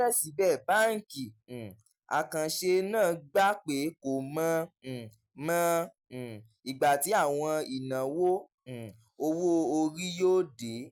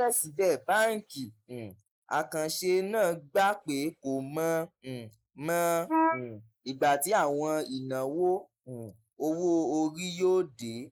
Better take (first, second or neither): first